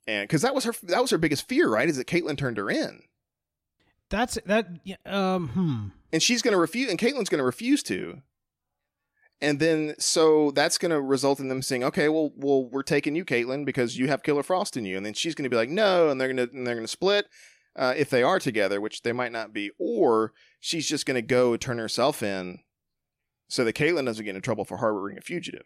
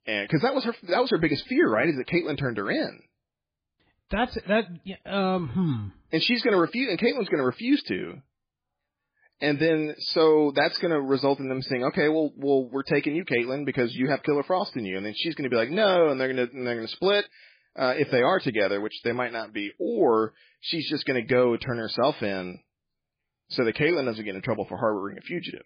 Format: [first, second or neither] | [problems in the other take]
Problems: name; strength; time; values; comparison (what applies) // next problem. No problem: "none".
first | garbled, watery; badly